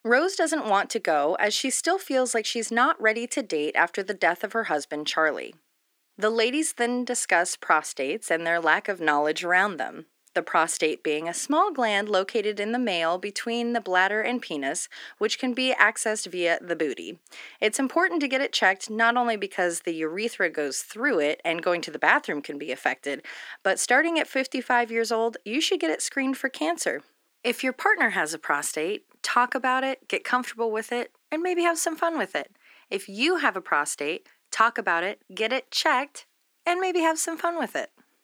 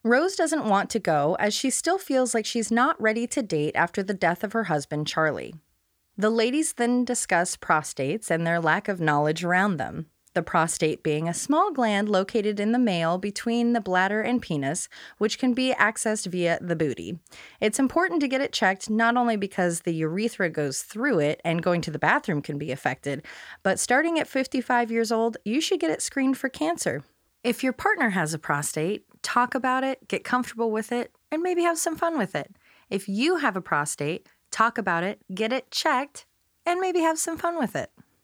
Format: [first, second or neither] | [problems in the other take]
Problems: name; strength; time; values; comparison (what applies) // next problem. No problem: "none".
second | thin; very slightly; fading below 250 Hz